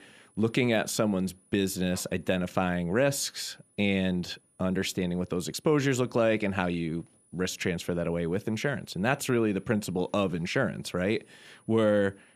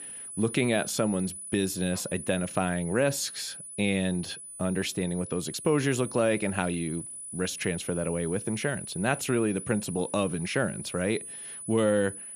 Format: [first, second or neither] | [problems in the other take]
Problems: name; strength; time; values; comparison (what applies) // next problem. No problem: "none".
first | high-pitched whine; loud; throughout; 10 kHz, 9 dB below the speech; faint in the first